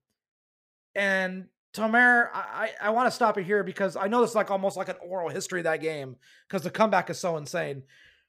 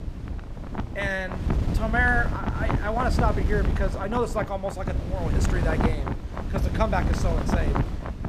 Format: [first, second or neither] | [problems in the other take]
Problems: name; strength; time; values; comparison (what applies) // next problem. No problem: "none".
first | wind noise on the microphone; heavy; 7 dB below the speech